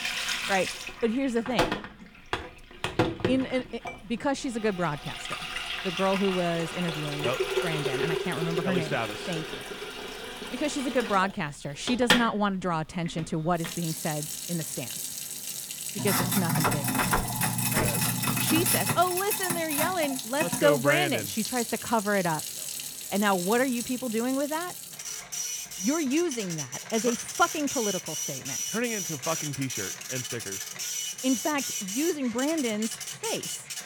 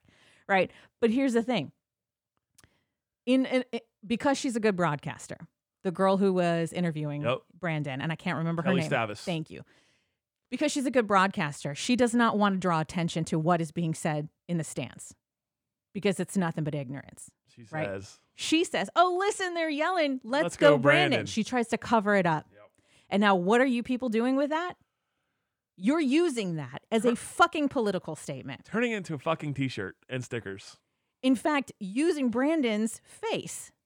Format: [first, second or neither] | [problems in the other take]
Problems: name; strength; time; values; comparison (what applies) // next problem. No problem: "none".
second | household noises; loud; throughout; 1 dB below the speech